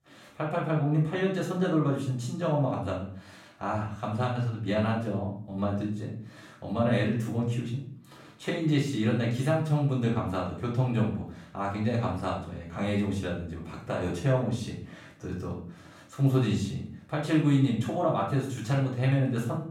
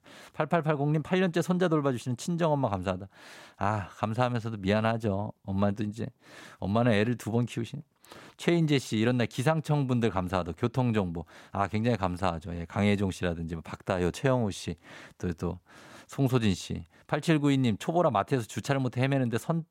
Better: second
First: off-mic speech; far // room echo; noticeable; dies away in 0.5 s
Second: none

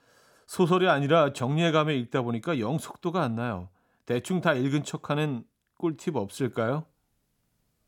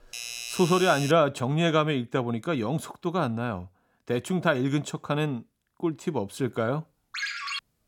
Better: first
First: none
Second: doorbell; noticeable; until 1 s; peak 6 dB below the speech // phone ringing; noticeable; at 7 s; peak 3 dB below the speech

